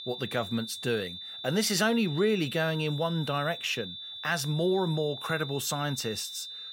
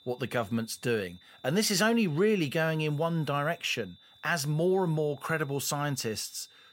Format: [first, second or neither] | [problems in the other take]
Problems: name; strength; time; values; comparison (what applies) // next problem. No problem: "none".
second | high-pitched whine; loud; throughout; 3.5 kHz, 9 dB below the speech; faint in the second